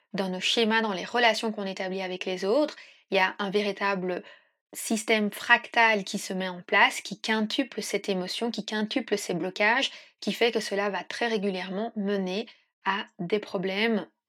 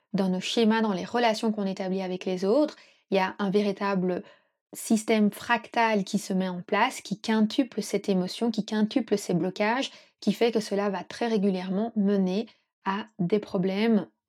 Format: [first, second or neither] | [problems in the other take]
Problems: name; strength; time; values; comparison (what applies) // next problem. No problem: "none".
second | thin; very slightly; fading below 850 Hz